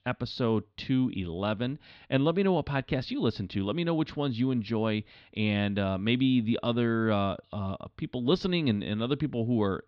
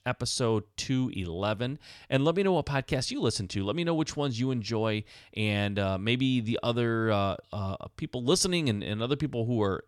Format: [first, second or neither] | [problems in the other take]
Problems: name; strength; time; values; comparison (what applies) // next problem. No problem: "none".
second | muffled; slightly; fading above 4 kHz